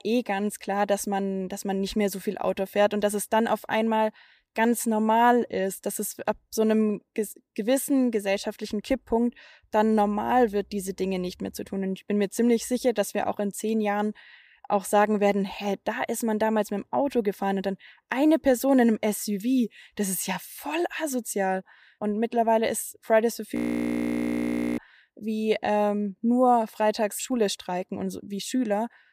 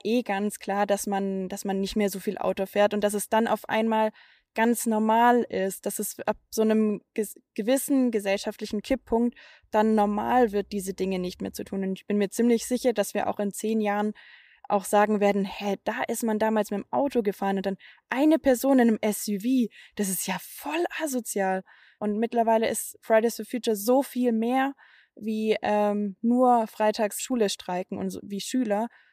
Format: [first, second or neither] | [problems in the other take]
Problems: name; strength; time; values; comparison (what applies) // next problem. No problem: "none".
second | audio freezing; at 24 s for 1 s